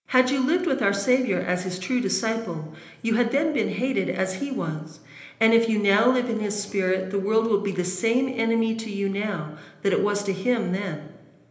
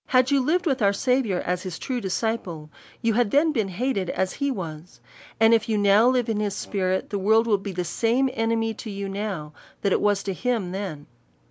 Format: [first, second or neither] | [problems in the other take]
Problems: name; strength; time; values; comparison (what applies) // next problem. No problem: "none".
second | room echo; dies away in 1 s